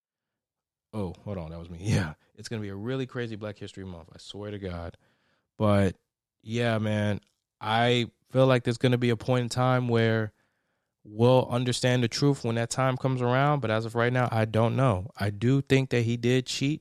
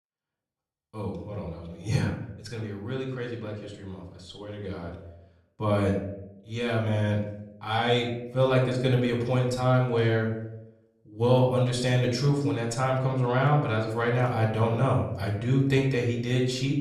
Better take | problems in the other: first | off-mic speech; far // room echo; noticeable; dies away in 0.7 s

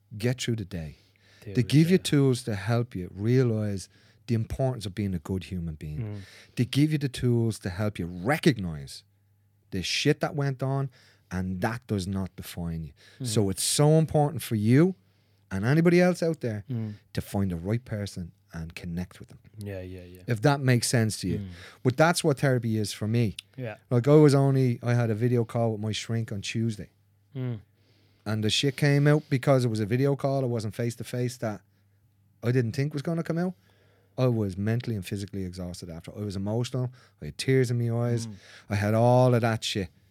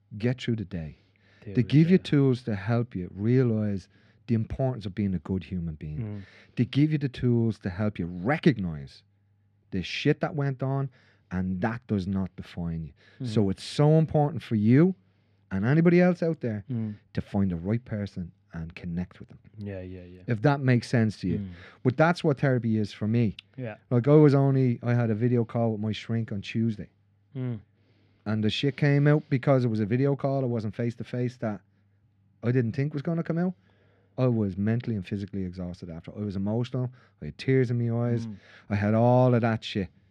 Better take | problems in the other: first | muffled; slightly; fading above 3 kHz

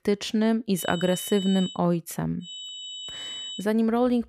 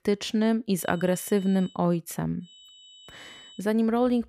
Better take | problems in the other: second | high-pitched whine; loud; at 1 s and from 2.5 to 3.5 s; 3 kHz, 10 dB below the speech; faint in the second

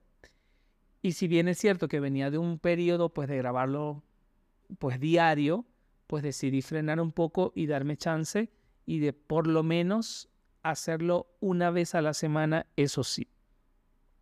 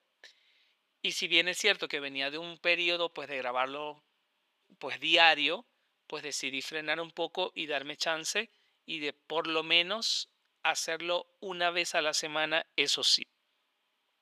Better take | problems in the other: first | thin; very; fading below 600 Hz

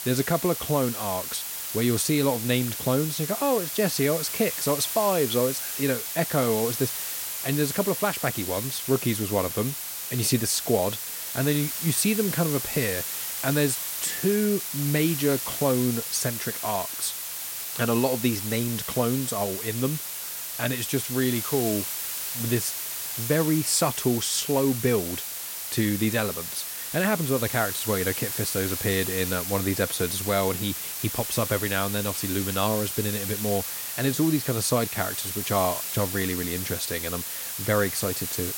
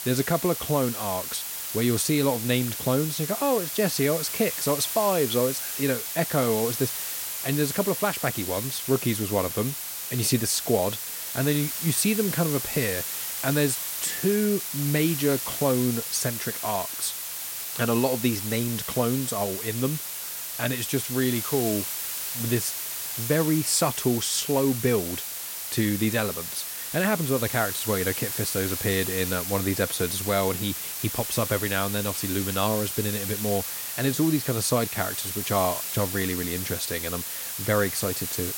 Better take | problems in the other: neither | hiss; loud; throughout; 3 dB below the speech; the same in both

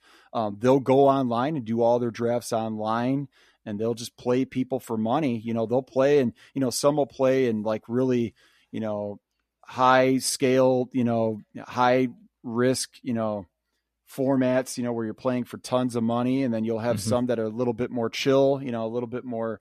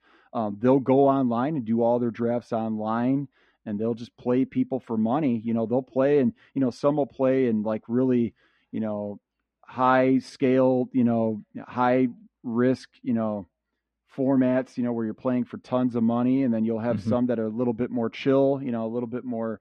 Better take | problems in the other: first | muffled; slightly; fading above 2.5 kHz

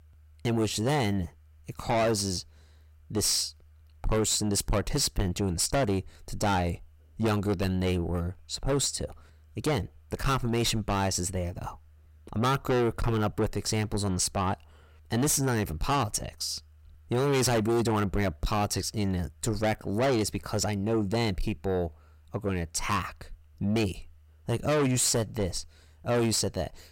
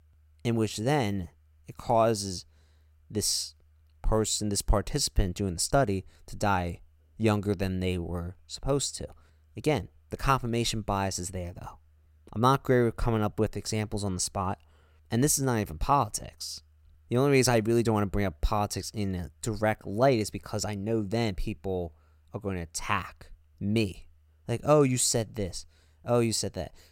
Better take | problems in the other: second | distortion; heavy; 6 dB below the speech

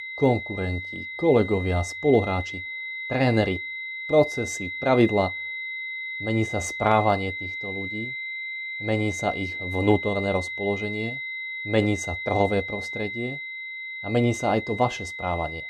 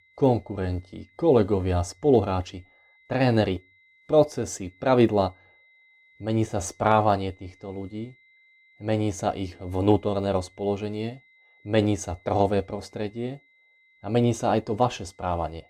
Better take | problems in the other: second | high-pitched whine; loud; throughout; 2 kHz, 6 dB below the speech; faint in the second

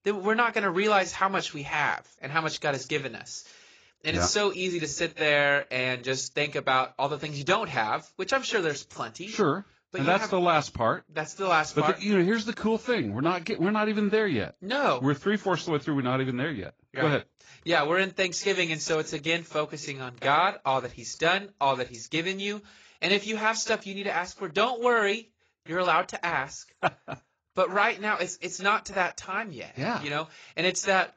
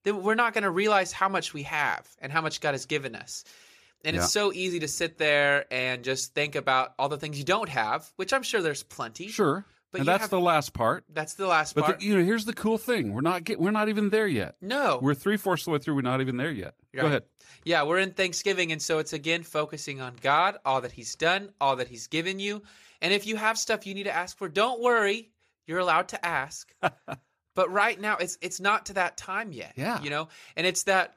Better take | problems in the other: second | garbled, watery; badly; nothing above 7.5 kHz

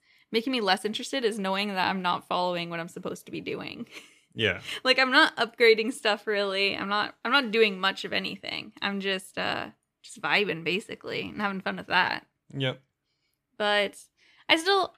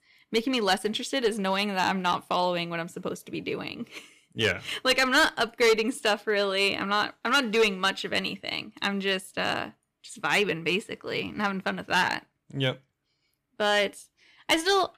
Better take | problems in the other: first | distortion; slight; 3% of the sound clipped

